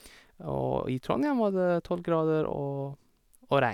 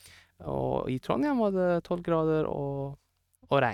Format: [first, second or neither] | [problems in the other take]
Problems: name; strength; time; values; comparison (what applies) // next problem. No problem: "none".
first | noise reduction (neural mask model RNNoise)